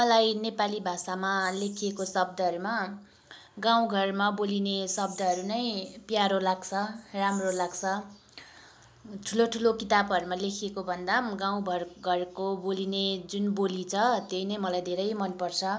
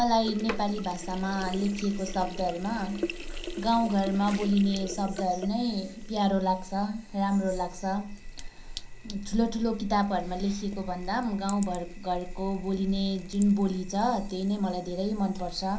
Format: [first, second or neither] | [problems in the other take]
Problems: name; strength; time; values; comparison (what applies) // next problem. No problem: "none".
first | background sound (Sink (filling or washing)); 10 dB below the speech // room echo; dies away in 0.3 s